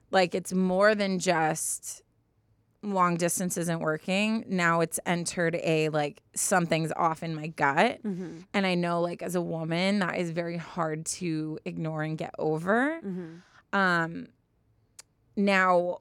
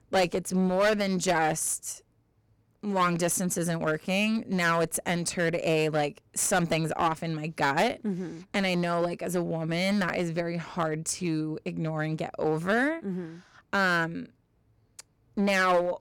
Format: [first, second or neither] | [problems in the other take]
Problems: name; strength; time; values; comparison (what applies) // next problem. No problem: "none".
first | distortion; slight; 7% of the sound clipped